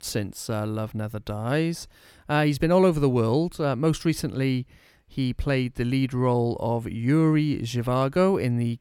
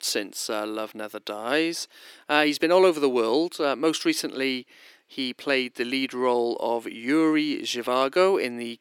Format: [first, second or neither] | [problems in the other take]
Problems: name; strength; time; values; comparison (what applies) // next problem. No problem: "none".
first | thin; somewhat; fading below 300 Hz